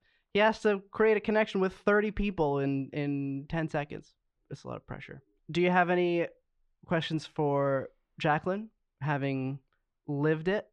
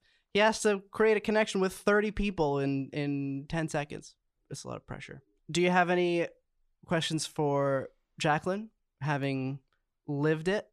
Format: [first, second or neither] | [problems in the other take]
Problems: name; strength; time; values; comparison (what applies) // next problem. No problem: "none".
second | muffled; slightly; fading above 3 kHz